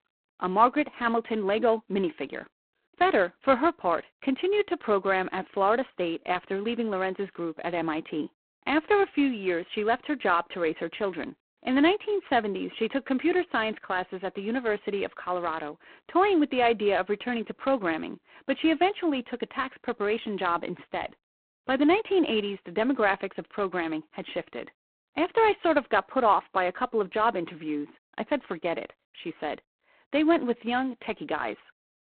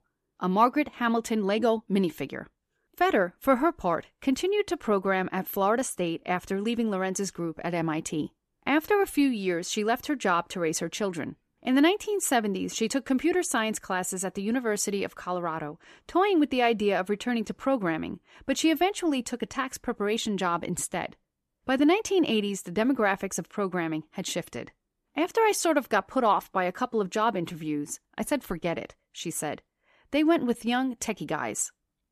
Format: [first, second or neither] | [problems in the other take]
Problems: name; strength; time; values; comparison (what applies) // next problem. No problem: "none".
second | phone-call audio; poor line